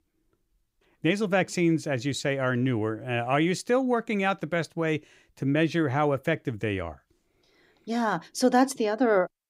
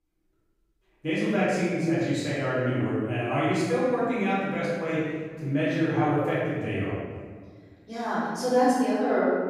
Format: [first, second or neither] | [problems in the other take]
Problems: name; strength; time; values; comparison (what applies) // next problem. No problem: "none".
first | off-mic speech; far // room echo; strong; dies away in 1.5 s